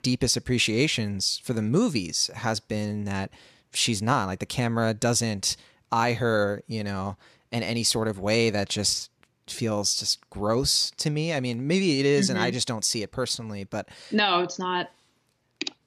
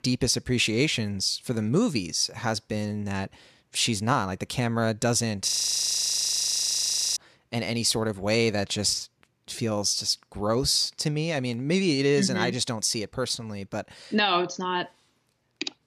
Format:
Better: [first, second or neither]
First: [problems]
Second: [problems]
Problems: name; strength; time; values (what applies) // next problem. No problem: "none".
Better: first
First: none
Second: audio freezing; at 5.5 s for 1.5 s